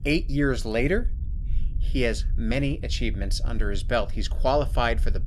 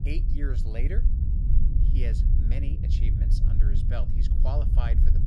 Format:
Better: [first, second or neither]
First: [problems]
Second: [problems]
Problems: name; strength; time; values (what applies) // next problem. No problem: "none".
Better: first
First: low rumble; faint; throughout; 25 dB below the speech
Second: low rumble; loud; throughout; 2 dB below the speech